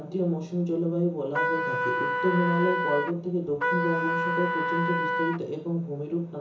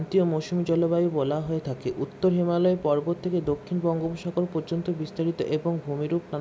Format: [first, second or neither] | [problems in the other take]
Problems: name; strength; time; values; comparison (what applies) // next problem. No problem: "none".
second | background sound (Trumpet); as loud as the speech // room echo; dies away in 0.7 s